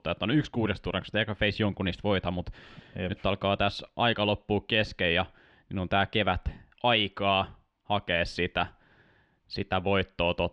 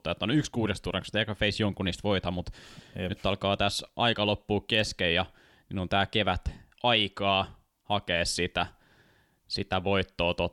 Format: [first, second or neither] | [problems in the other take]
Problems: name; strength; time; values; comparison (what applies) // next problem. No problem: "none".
second | muffled; slightly; fading above 2.5 kHz